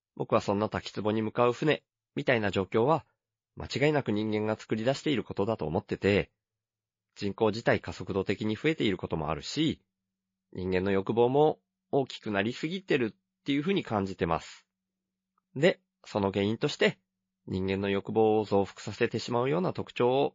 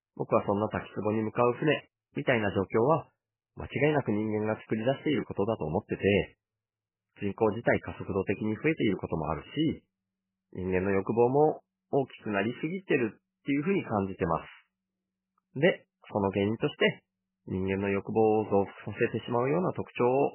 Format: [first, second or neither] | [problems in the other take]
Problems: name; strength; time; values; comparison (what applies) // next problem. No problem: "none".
first | garbled, watery; badly; nothing above 3 kHz; slightly in the first